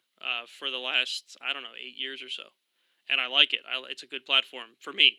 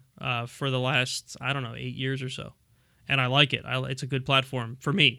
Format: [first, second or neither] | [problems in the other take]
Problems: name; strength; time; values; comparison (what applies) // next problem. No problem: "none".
second | thin; somewhat; fading below 300 Hz